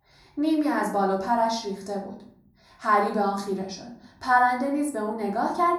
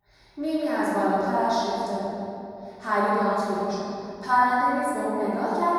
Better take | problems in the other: first | room echo; strong; dies away in 2.7 s; slight in the first // off-mic speech; far; far in the first

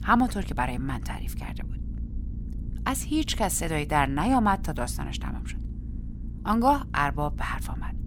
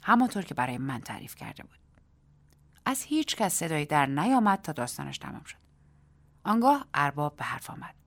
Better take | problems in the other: second | low rumble; faint; throughout; 25 dB below the speech

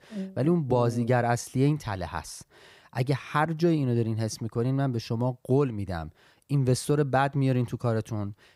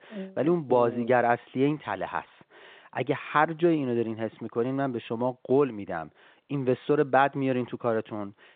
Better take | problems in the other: first | phone-call audio; nothing above 3.5 kHz

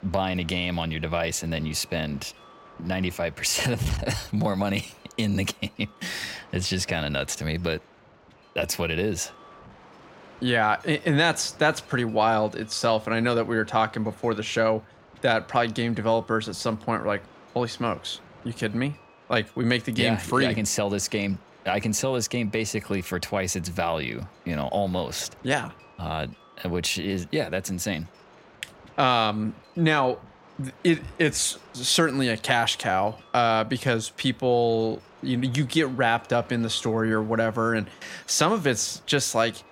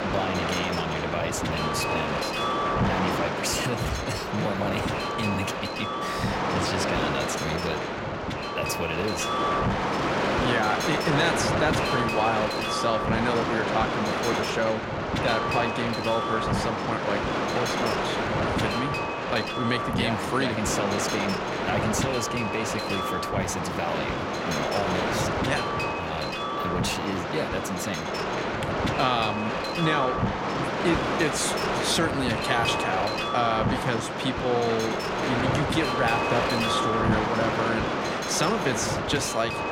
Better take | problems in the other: first | wind noise on the microphone; heavy; 3 dB above the speech; occasional gusts in the first

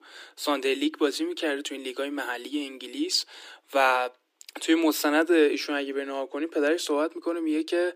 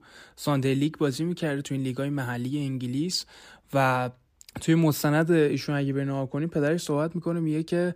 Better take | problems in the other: second | thin; somewhat; fading below 300 Hz

